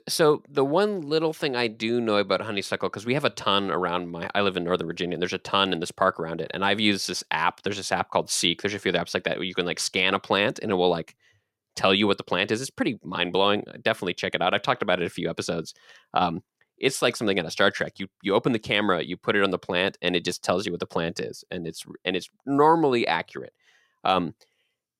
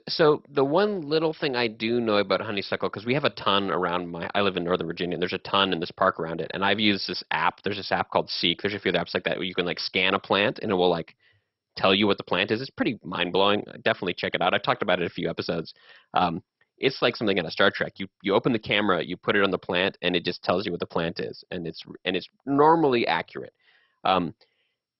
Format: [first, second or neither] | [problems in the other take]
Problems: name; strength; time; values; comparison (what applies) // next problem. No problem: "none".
first | garbled, watery; badly; nothing above 5.5 kHz